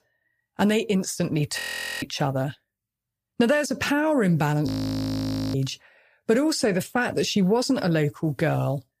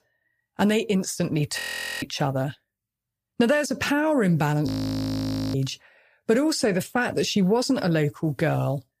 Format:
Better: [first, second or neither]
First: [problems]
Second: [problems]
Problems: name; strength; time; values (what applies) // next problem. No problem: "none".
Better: neither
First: audio freezing; at 1.5 s and at 4.5 s for 1 s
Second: audio freezing; at 1.5 s and at 4.5 s for 1 s